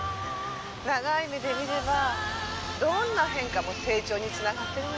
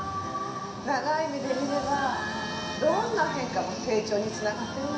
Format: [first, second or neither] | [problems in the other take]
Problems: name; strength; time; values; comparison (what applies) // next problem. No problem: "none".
first | background sound (Bowed string instrument); 18 dB below the speech // room echo; dies away in 0.7 s